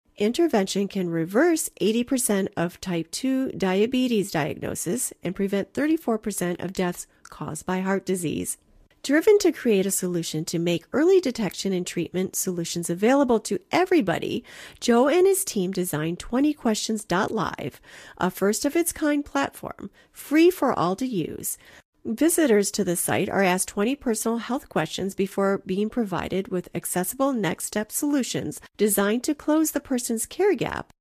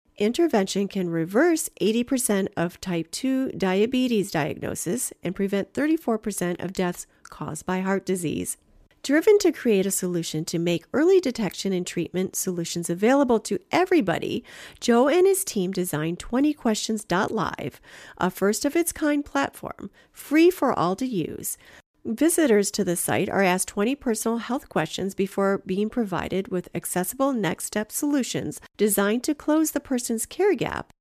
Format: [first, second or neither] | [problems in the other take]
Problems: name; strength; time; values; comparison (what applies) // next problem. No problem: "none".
second | garbled, watery; slightly; nothing above 14.5 kHz